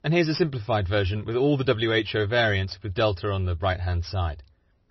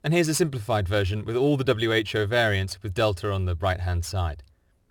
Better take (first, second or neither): second